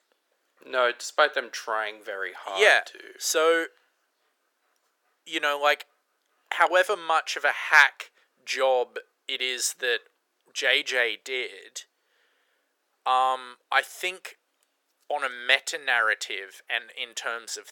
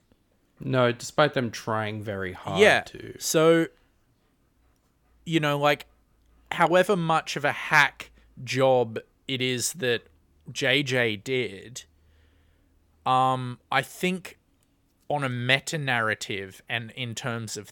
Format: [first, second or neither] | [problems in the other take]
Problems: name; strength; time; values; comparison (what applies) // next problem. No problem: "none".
second | thin; very; fading below 450 Hz